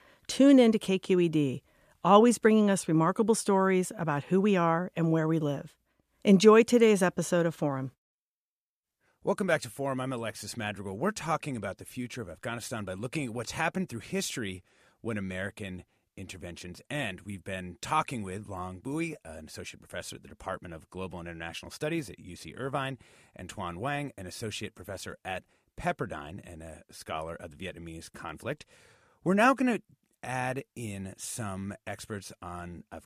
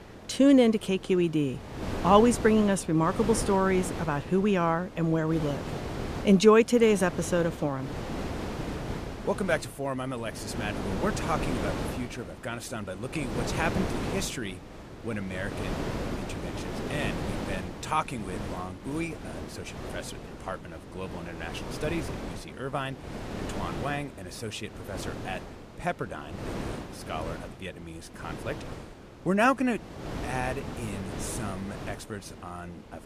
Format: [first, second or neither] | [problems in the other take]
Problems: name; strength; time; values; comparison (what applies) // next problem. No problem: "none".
first | wind noise on the microphone; heavy; 10 dB below the speech